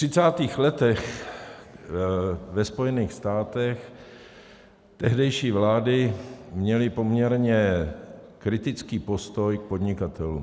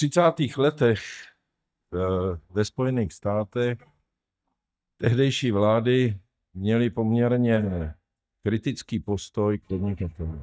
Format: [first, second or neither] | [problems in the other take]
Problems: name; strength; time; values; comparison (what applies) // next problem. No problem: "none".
first | noise reduction (neural mask model DeepFilterNet 3)